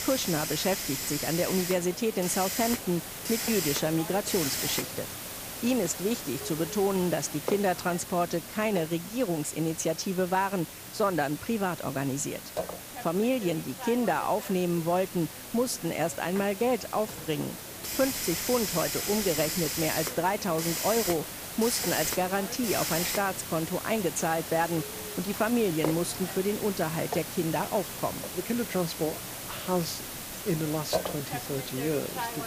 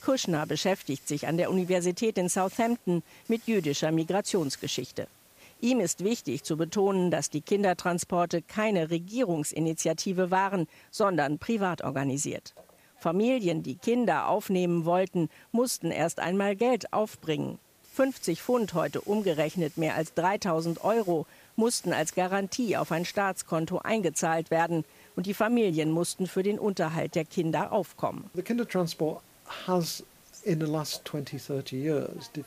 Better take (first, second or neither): second